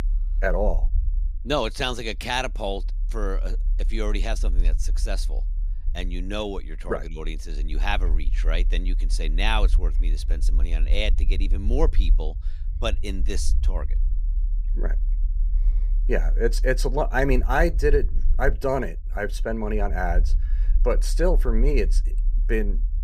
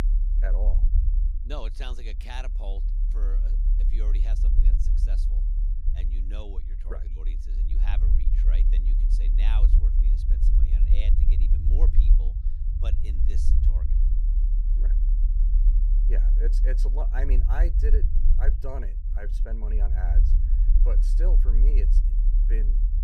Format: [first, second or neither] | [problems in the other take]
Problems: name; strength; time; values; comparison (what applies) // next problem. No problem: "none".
first | low rumble; loud; throughout; 5 dB below the speech; faint in the first